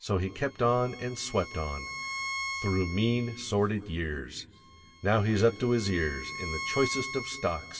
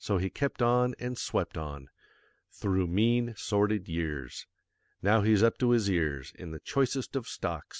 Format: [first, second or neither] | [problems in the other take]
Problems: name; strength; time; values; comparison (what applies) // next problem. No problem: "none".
second | background sound (Bowed string instrument); 10 dB below the speech // room echo; dies away in 1.6 s